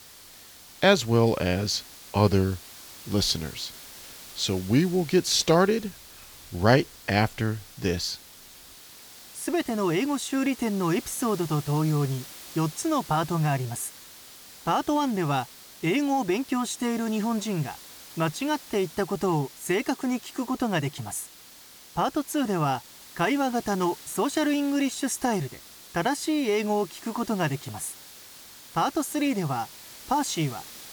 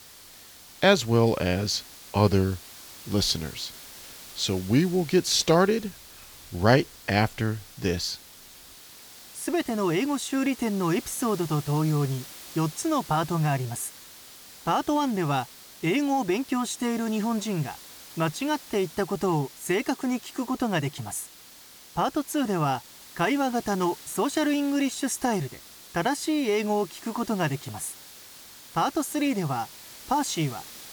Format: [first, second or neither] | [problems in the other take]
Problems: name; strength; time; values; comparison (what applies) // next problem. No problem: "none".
neither | hiss; noticeable; throughout; 15 dB below the speech; the same in both